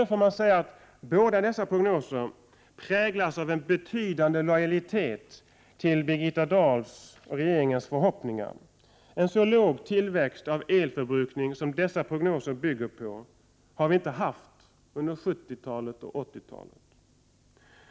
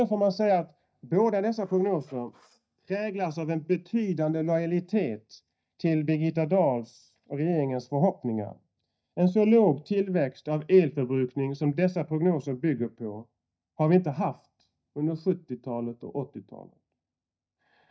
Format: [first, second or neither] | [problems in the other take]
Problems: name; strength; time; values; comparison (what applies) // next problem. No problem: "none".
first | noise reduction (neural mask model DeepFilterNet 3)